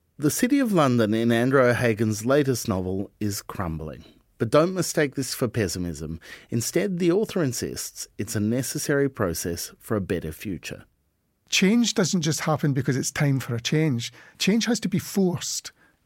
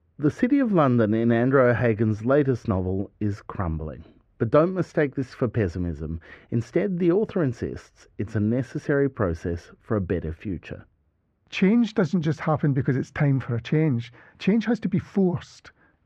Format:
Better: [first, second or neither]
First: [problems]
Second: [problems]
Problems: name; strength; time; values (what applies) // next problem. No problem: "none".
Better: first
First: none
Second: muffled; very; fading above 2 kHz